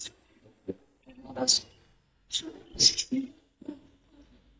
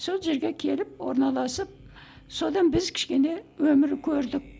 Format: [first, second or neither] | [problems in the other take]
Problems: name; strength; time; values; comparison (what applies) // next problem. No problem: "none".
second | noise reduction (neural mask model DeepFilterNet 3)